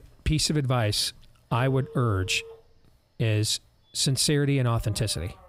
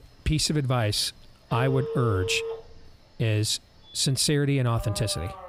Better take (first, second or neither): first